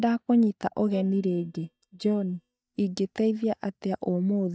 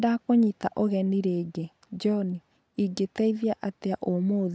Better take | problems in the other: second | noise reduction (neural mask model DeepFilterNet 3)

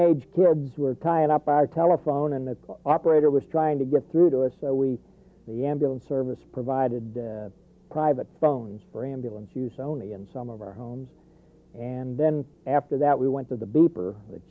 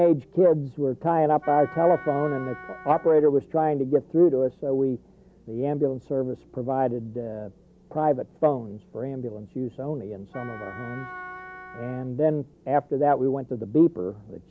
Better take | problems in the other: first | background sound (Wind instrument, woodwind instrument); 16 dB below the speech

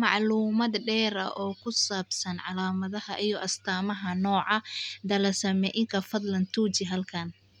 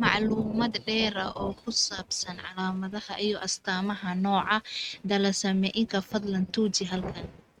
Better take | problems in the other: first | noise reduction (neural mask model RNNoise)

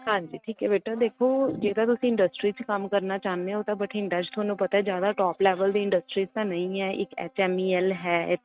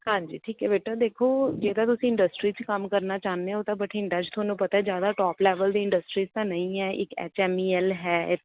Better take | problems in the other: second | noise reduction (neural mask model RNNoise)

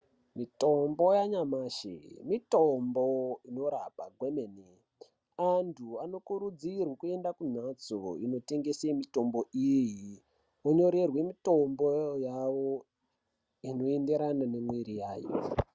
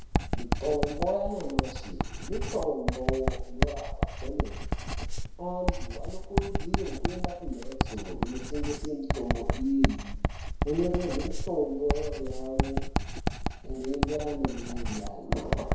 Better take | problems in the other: first | background sound (Writing); 3 dB above the speech // room echo; dies away in 0.7 s

